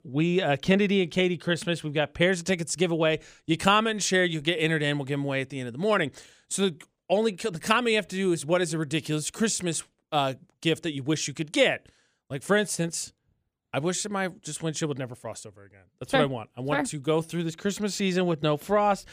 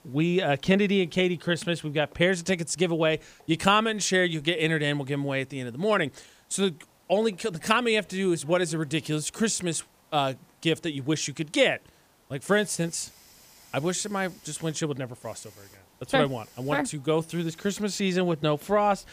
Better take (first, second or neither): first